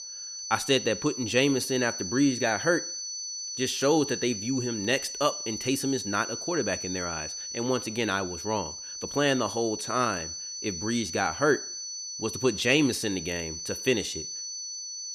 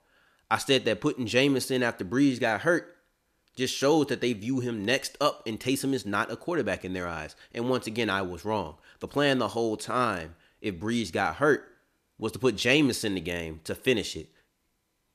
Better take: second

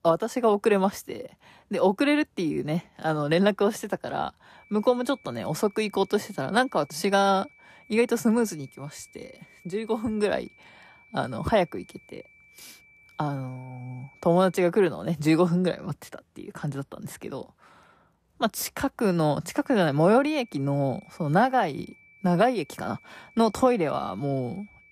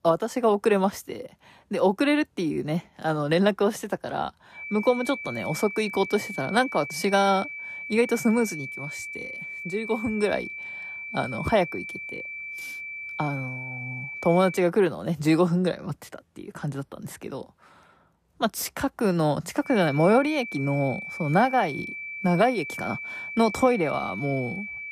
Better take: first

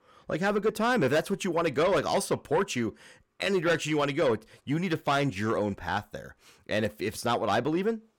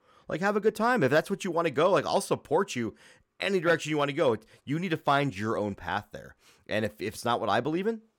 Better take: second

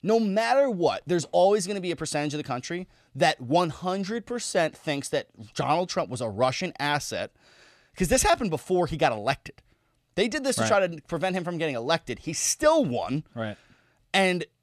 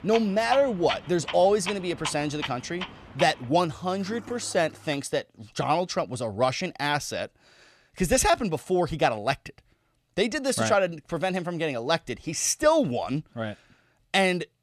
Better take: first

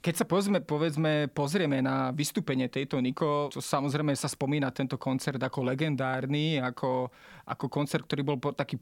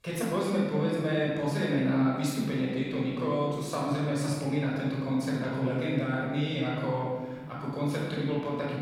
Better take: first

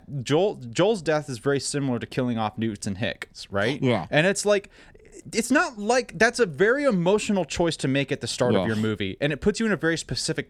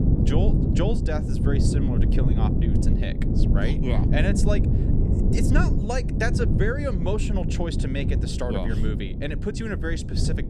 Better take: first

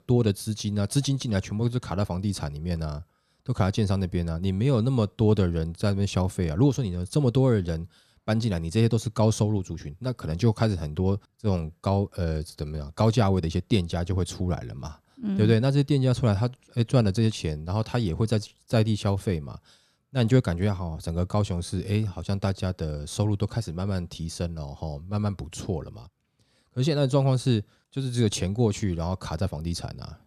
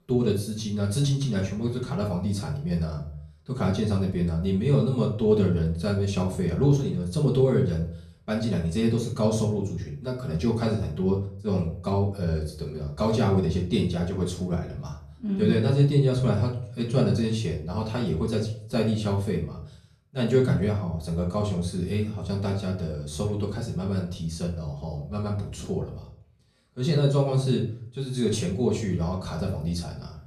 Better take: first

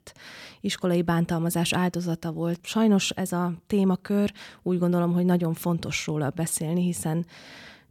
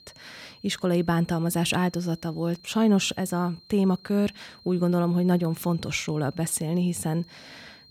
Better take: first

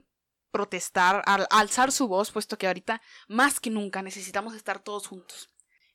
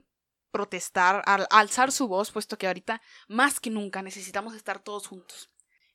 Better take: second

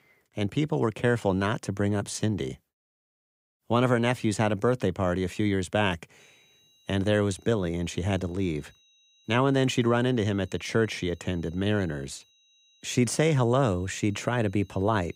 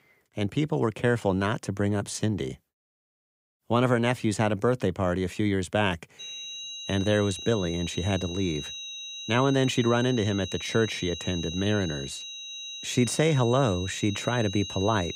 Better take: first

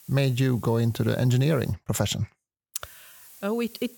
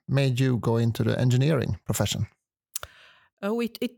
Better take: second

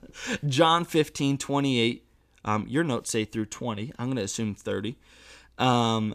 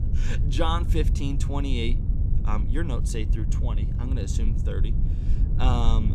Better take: first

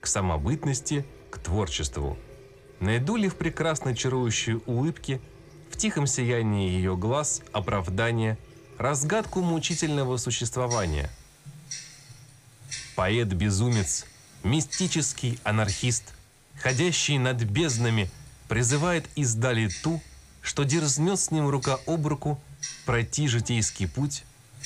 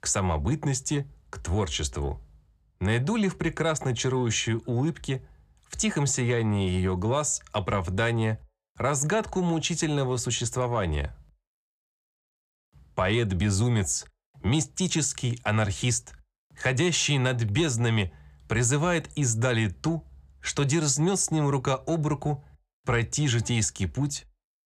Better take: second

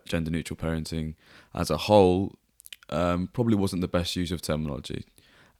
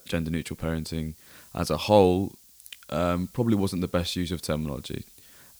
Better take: first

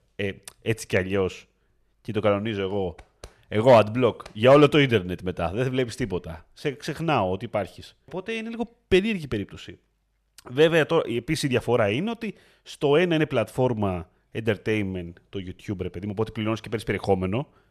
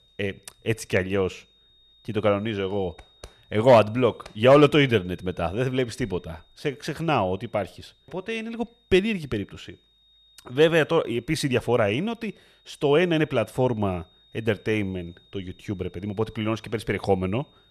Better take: first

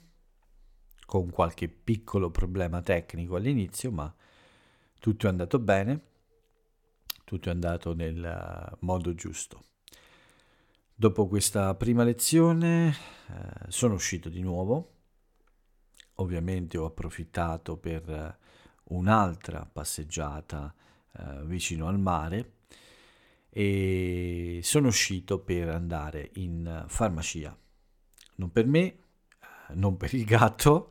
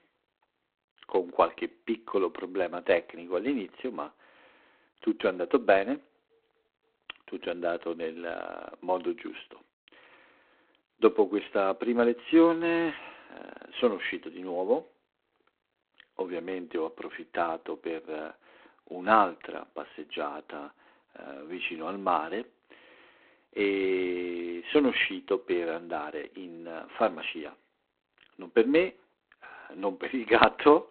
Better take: first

